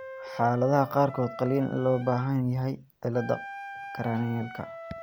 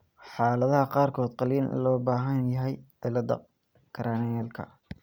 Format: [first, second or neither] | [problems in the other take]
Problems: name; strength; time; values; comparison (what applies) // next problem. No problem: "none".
second | background sound (Wind instrument, woodwind instrument); 14 dB below the speech